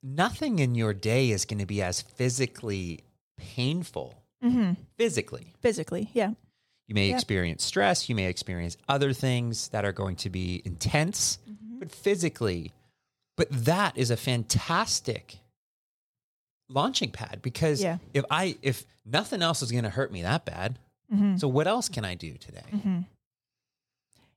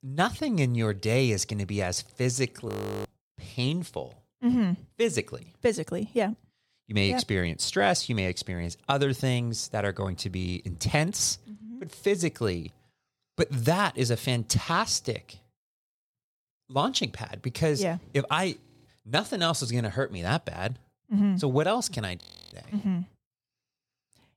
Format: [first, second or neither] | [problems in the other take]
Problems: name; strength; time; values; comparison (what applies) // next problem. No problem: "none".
first | audio freezing; at 2.5 s, at 19 s and at 22 s